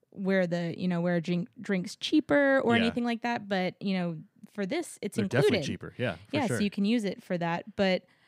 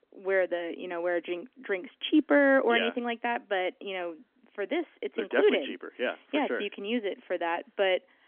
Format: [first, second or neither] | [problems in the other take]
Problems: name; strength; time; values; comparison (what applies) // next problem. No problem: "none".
first | phone-call audio; nothing above 3.5 kHz